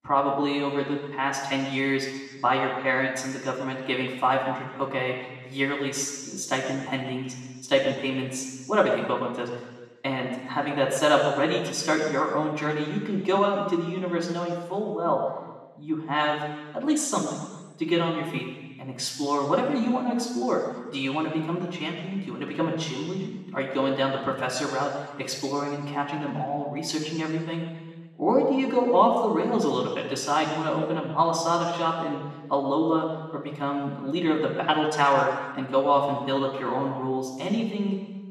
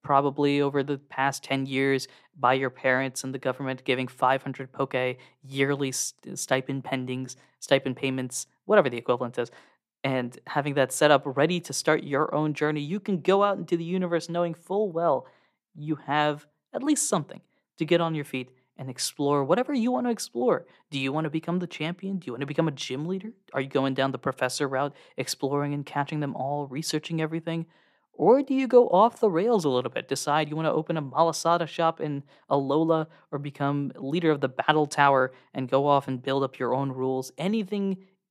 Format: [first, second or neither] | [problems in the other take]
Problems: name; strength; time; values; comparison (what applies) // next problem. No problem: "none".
second | room echo; noticeable; dies away in 1.4 s // off-mic speech; far